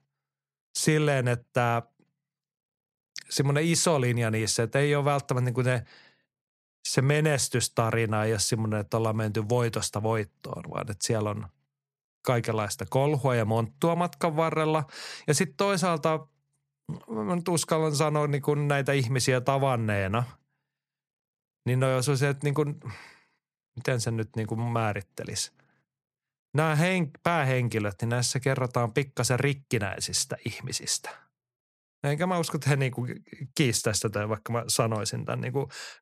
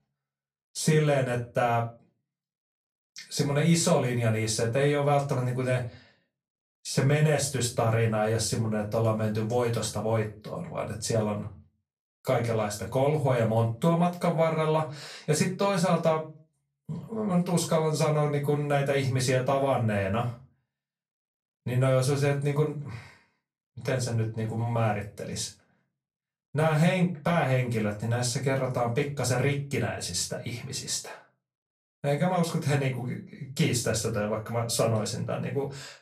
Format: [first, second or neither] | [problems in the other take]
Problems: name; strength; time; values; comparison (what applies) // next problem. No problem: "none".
first | off-mic speech; far // room echo; very slight; dies away in 0.3 s